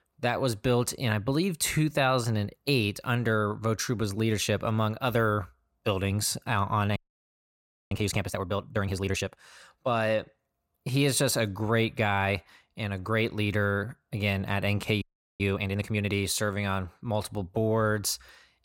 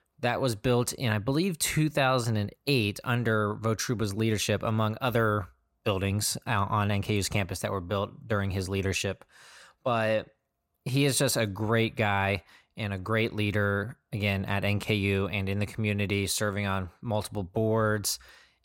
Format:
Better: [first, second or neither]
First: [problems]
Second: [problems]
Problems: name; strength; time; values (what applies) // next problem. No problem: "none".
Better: second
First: audio freezing; at 7 s for 1 s and at 15 s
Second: none